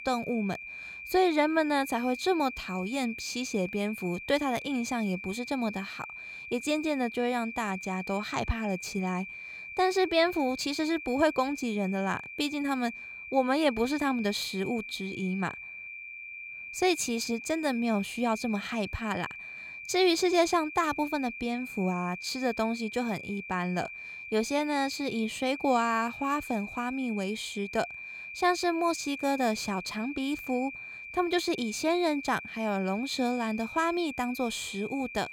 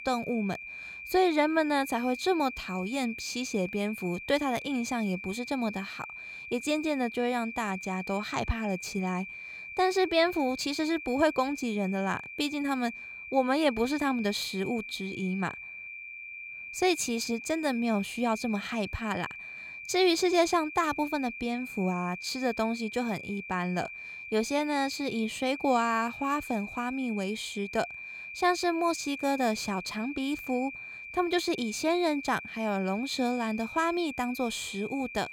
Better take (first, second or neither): neither